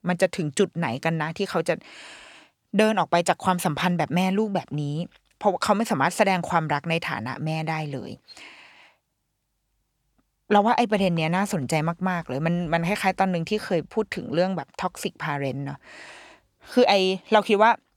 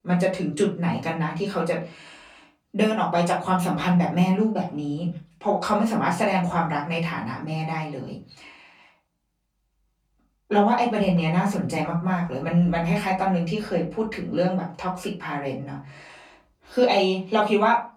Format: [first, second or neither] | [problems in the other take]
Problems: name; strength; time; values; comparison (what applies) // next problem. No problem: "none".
first | room echo; slight; dies away in 0.4 s // off-mic speech; far